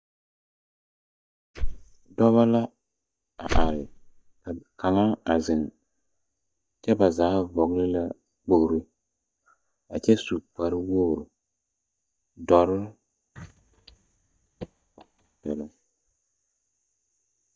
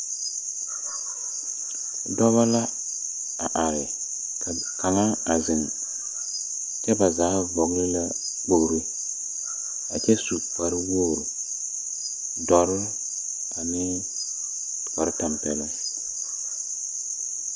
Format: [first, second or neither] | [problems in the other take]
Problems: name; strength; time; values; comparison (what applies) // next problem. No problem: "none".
second | noise reduction (neural mask model DeepFilterNet 3)